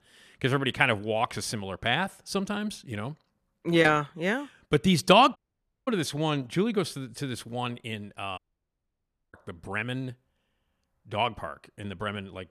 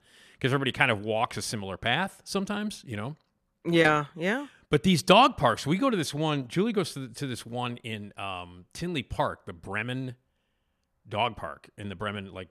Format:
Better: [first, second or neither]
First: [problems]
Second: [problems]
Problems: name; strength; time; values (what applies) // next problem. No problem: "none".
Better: second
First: audio cutting out; at 5.5 s for 0.5 s and at 8.5 s for 1 s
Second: none